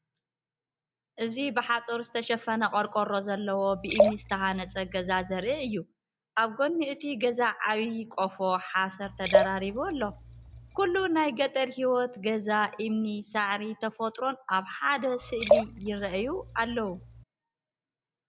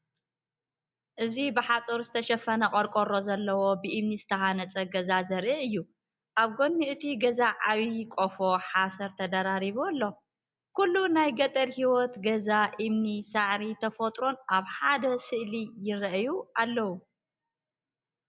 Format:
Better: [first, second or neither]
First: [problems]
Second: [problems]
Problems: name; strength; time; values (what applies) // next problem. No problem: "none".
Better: second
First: background sound (Liquid); as loud as the speech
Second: none